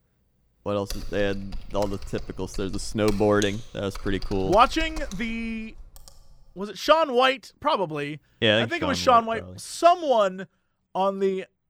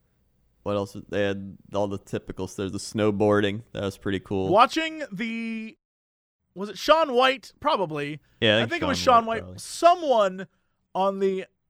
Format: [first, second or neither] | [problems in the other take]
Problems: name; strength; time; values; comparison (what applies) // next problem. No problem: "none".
second | keyboard typing; faint; from 1 to 6 s; peak 10 dB below the speech